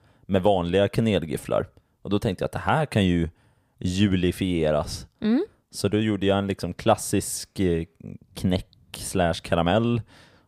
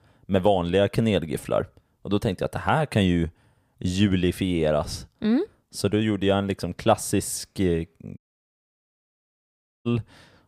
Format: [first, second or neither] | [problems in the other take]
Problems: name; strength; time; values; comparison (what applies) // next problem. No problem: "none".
first | audio cutting out; at 8 s for 1.5 s